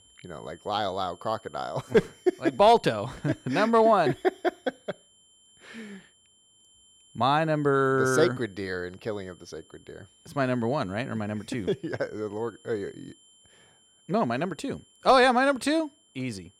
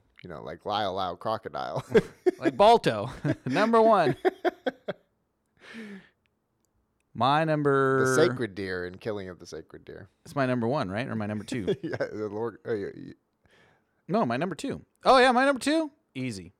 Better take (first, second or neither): second